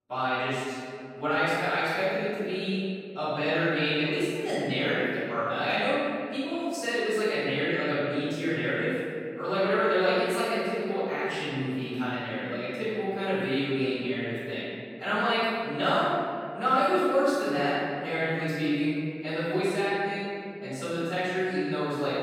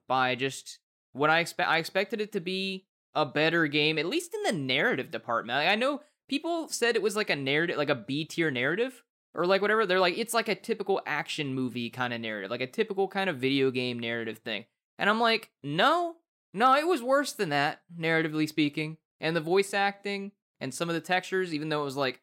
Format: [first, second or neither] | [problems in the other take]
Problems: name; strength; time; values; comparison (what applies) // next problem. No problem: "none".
second | off-mic speech; far // room echo; strong; dies away in 2.4 s